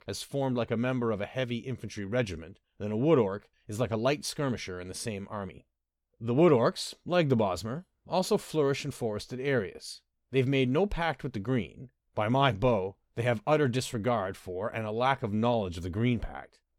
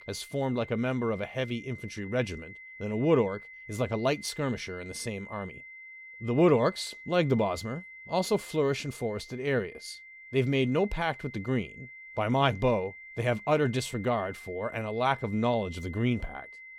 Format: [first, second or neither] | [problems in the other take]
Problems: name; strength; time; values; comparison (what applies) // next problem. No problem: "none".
first | high-pitched whine; noticeable; throughout; 2 kHz, 15 dB below the speech